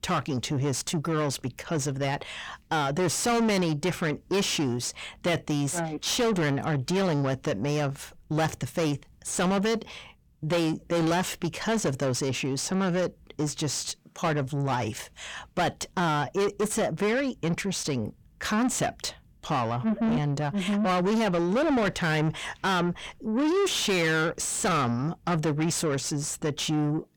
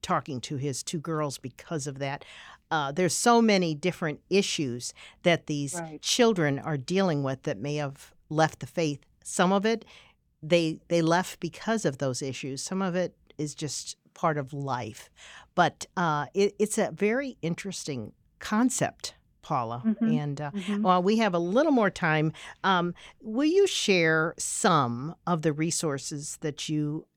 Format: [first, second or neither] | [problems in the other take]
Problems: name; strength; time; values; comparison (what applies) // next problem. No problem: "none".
second | distortion; heavy; 6 dB below the speech